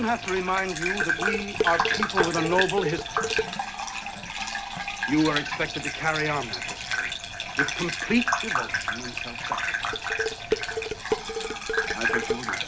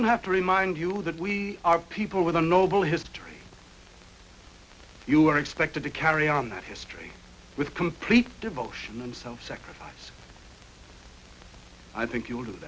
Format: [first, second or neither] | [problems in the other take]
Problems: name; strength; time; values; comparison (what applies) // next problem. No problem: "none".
second | background sound (Dishes, pots, and pans + Bathtub (filling or washing) / Gurgling); 2 dB above the speech